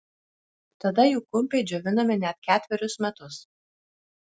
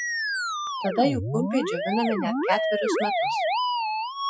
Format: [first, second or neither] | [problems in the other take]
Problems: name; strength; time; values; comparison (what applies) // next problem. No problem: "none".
first | noise reduction (classical method Wiener filter)